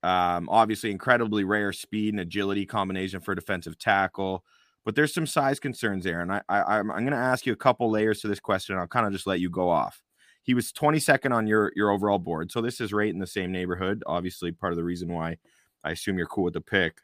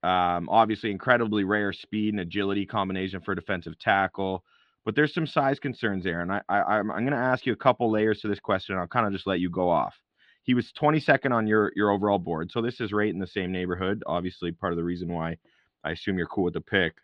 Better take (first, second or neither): first